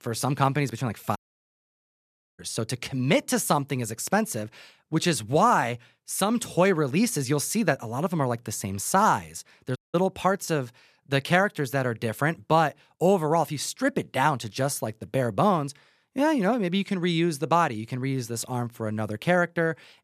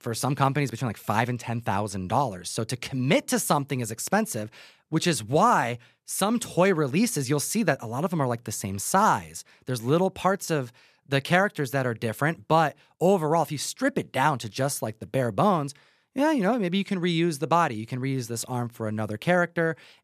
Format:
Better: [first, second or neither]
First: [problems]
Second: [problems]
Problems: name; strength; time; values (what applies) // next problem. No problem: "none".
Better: second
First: audio cutting out; at 1 s for 1 s and at 10 s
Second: none